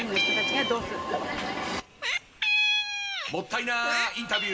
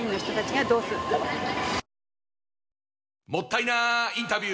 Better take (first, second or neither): second